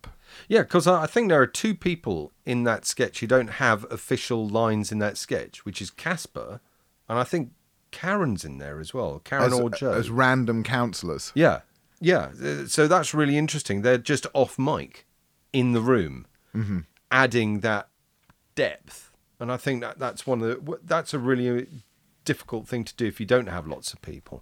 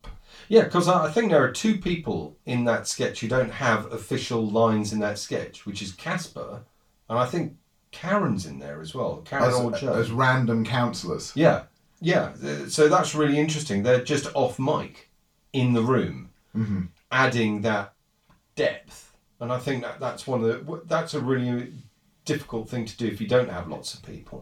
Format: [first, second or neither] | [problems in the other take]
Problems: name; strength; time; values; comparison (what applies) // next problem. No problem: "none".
first | room echo; slight; dies away in 0.2 s // off-mic speech; far